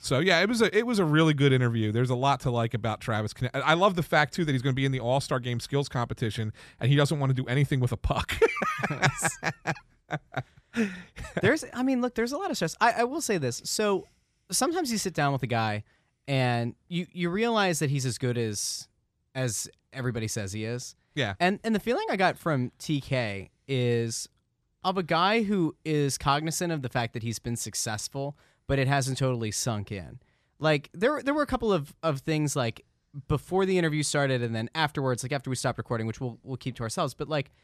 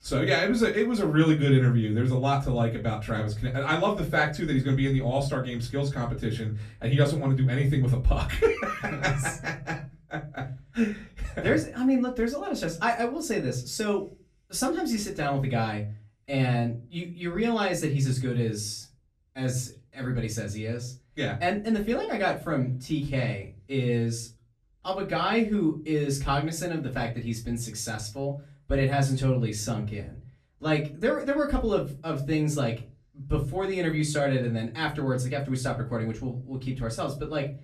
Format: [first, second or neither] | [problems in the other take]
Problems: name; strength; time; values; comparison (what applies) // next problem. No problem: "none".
first | off-mic speech; far // room echo; very slight; dies away in 0.4 s